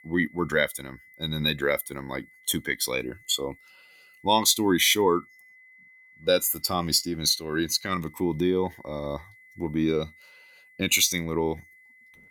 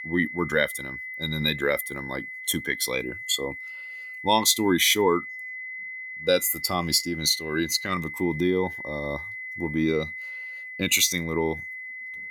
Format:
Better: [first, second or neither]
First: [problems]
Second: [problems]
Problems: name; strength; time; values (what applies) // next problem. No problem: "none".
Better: first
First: high-pitched whine; faint; throughout; 2 kHz, 25 dB below the speech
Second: high-pitched whine; loud; throughout; 2 kHz, 10 dB below the speech